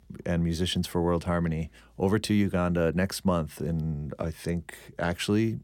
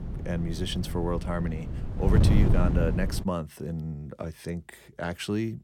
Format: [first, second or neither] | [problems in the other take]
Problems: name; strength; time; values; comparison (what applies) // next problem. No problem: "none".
first | wind noise on the microphone; heavy; until 3 s; 4 dB below the speech